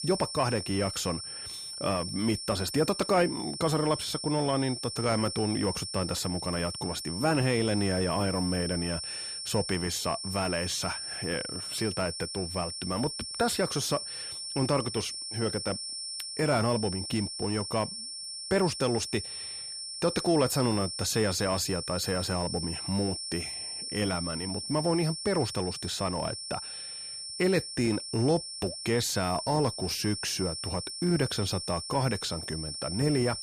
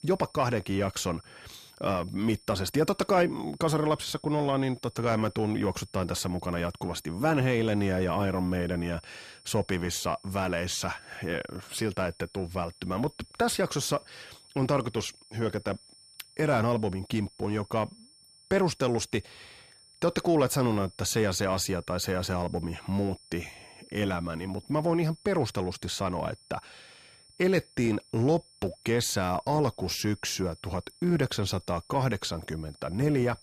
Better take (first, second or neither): second